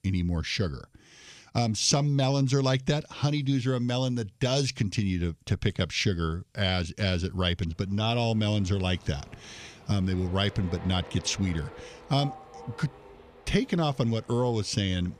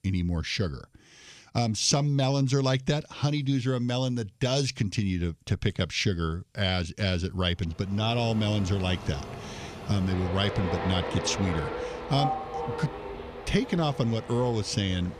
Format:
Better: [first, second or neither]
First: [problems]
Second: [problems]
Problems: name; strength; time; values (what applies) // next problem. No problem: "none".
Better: first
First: train or aircraft noise; faint; from 8 s on; 20 dB below the speech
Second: train or aircraft noise; loud; from 8 s on; 8 dB below the speech